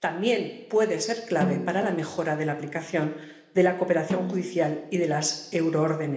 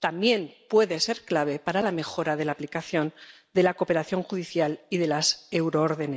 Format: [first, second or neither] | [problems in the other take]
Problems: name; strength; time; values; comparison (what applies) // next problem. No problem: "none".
second | background sound (Snare drum); 8 dB below the speech // room echo; dies away in 1 s